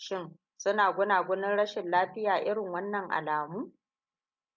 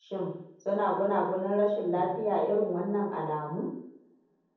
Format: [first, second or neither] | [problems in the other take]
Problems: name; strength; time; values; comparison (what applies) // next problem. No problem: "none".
first | room echo; dies away in 0.9 s